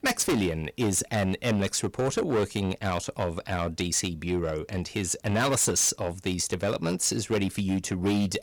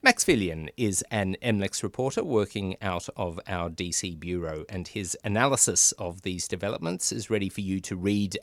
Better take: second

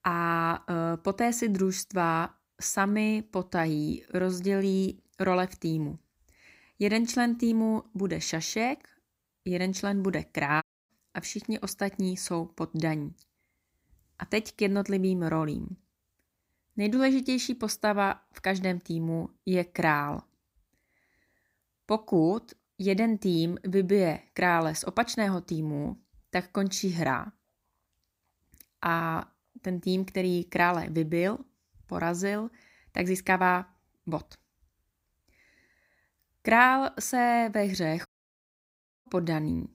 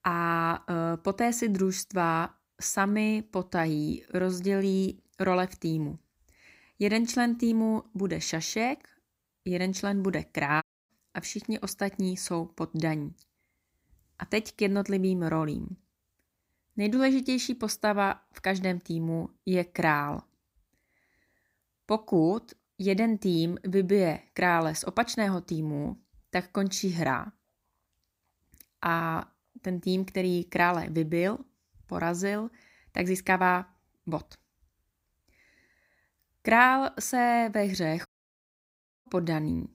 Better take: neither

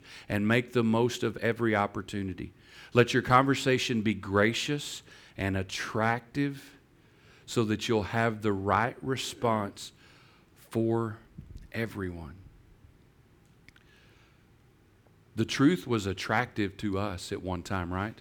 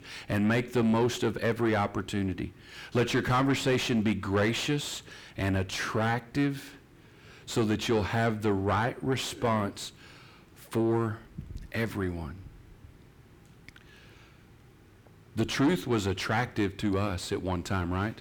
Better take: first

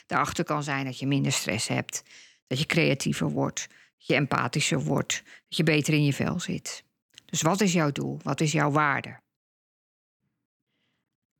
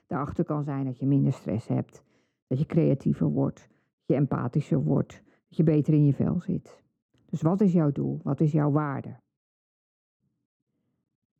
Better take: first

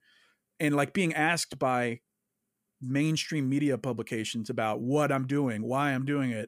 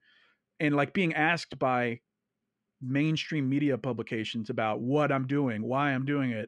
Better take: first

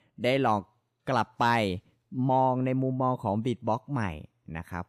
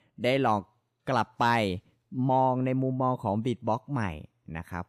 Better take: neither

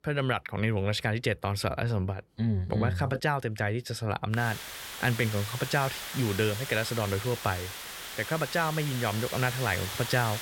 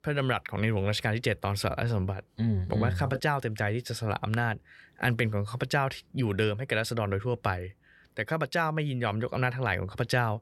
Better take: second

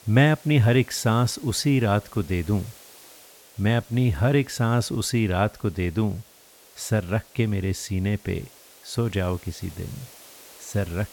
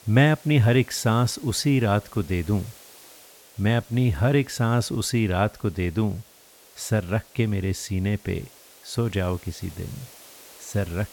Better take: neither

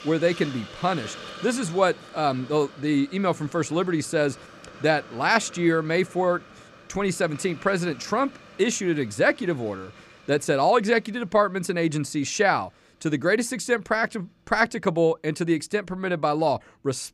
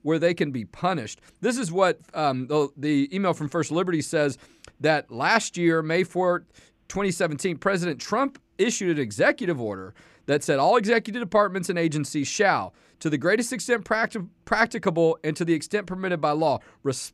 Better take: second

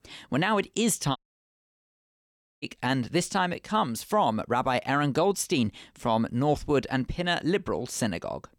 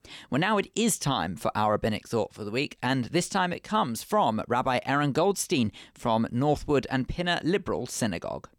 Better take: second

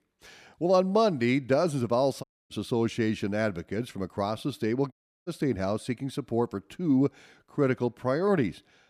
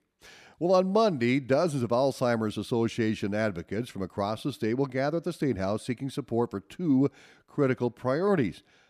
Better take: second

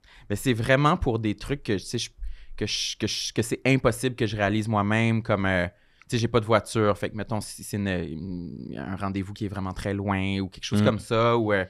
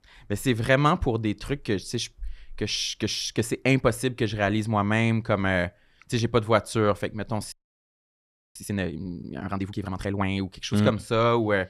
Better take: first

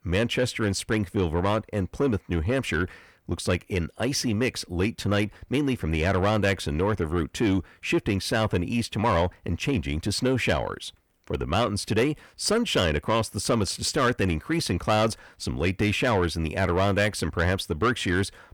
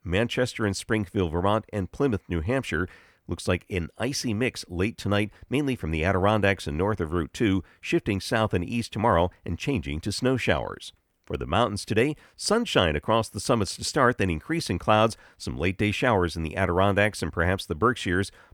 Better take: second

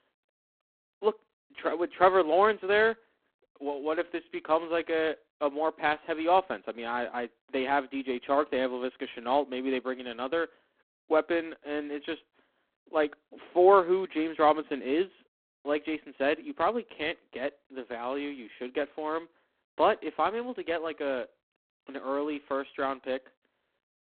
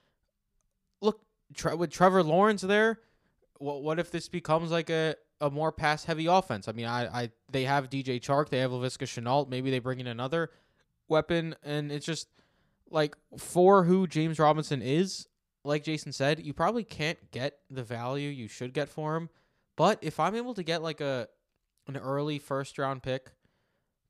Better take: second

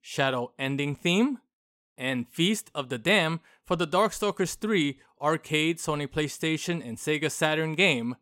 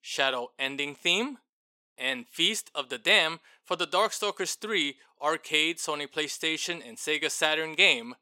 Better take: first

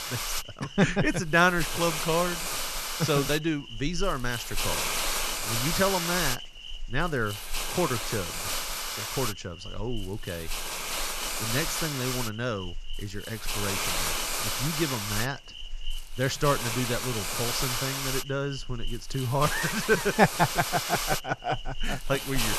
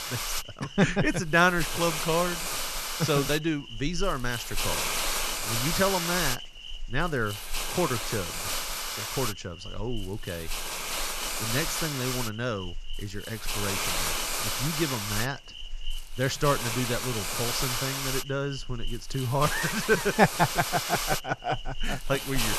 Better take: neither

